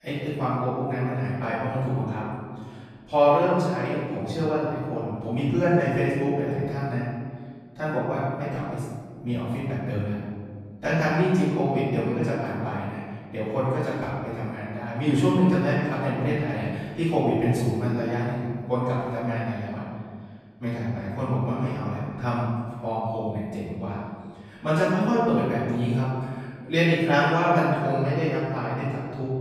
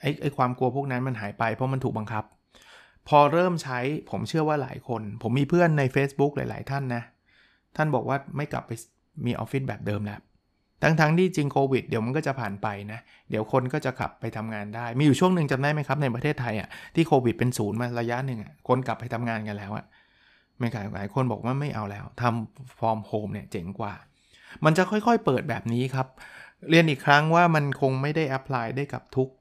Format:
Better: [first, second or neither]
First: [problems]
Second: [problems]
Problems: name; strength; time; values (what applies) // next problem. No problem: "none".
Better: second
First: off-mic speech; far // room echo; strong; dies away in 1.8 s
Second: none